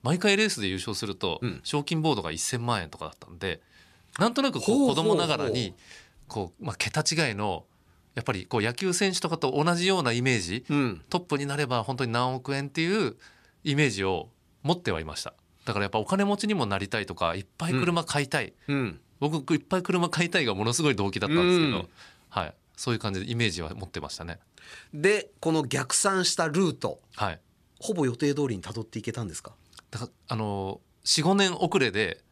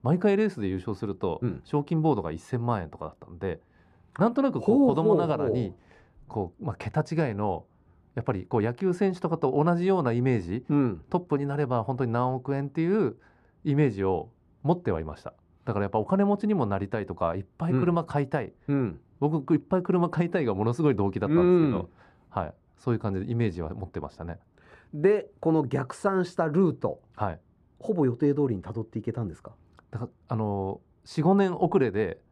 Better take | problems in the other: first | muffled; very; fading above 2 kHz

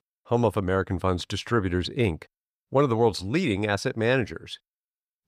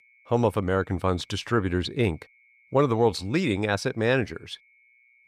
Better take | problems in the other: first | high-pitched whine; faint; throughout; 2 kHz, 30 dB below the speech

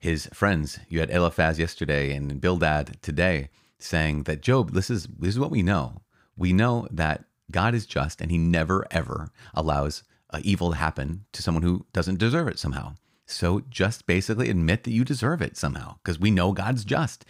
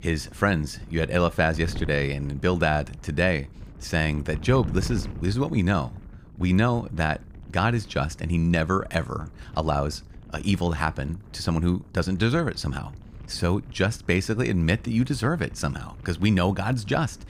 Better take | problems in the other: first | wind noise on the microphone; occasional gusts; 25 dB below the speech

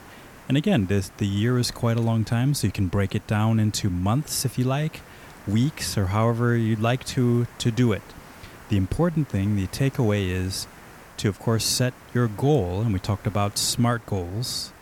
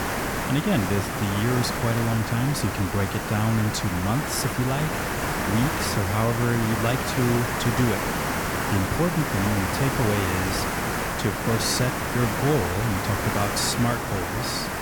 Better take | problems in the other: first | hiss; loud; throughout; 1 dB below the speech; faint in the first

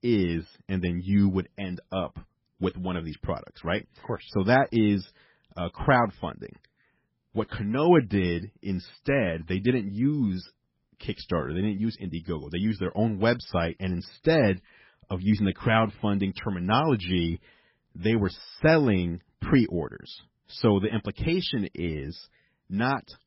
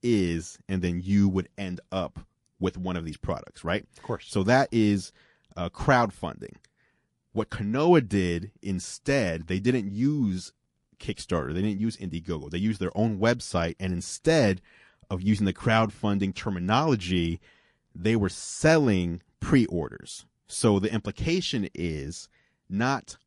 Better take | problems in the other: second | garbled, watery; badly; nothing above 5.5 kHz; slightly in the second

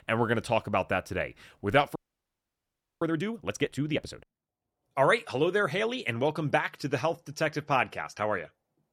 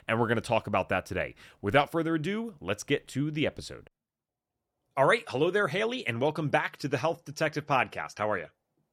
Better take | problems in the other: second | audio freezing; at 2 s for 1 s

